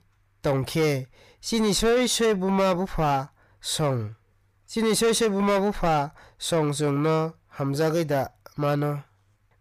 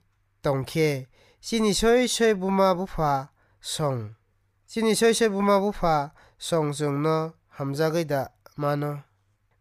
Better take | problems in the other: second | distortion; slight; 10 dB below the speech

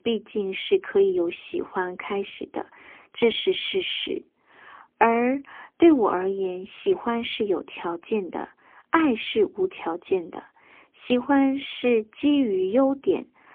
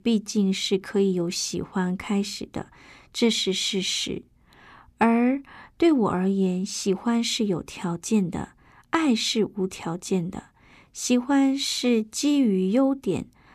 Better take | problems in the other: second | phone-call audio; poor line; nothing above 3.5 kHz

